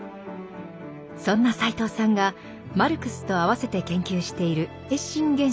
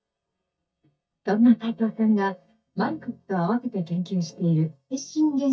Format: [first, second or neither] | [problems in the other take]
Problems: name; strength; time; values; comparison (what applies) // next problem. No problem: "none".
first | noise reduction (neural mask model DeepFilterNet 3)